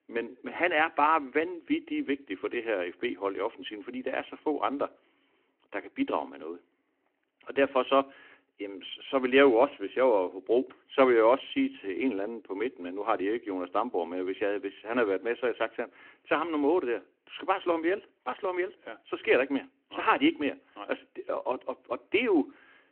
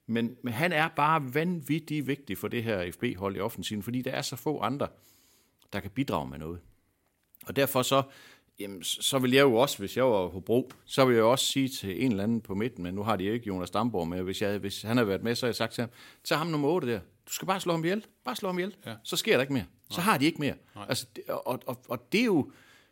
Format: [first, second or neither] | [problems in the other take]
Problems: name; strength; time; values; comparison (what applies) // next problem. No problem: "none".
second | phone-call audio